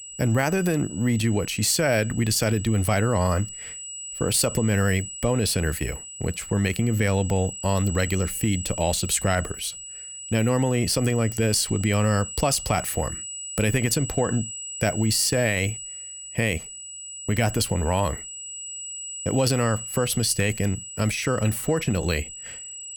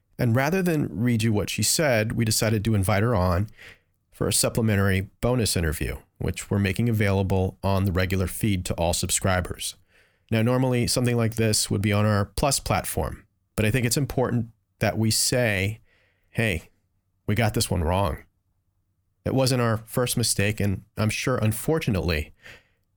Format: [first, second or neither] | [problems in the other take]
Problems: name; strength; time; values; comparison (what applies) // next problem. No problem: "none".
second | high-pitched whine; loud; throughout; 8 kHz, 10 dB below the speech